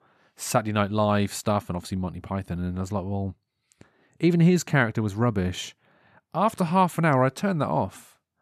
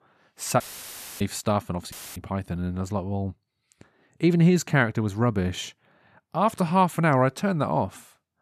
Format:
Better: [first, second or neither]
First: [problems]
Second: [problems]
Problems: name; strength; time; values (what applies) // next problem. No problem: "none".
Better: first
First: none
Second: audio cutting out; filled with static; at 0.5 s for 0.5 s and at 2 s